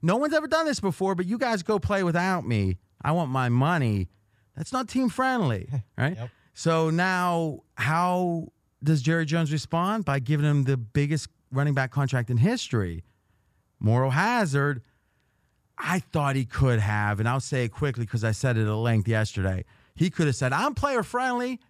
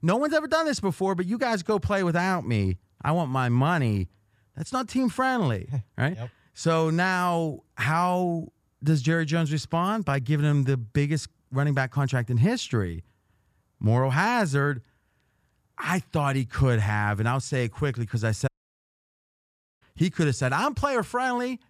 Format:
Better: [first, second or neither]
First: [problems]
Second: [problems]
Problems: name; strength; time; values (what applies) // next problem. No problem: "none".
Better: first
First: none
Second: audio cutting out; at 18 s for 1.5 s